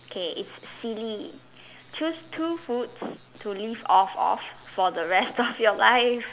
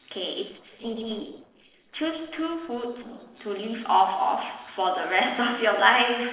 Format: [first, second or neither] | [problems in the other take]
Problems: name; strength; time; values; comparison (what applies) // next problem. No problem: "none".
first | noise reduction (neural separator model SepFormer DNS4)